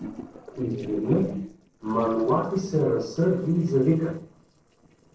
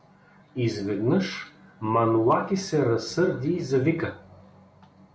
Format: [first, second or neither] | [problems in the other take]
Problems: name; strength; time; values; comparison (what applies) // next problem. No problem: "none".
second | noise reduction (neural separator model SepFormer DNS4)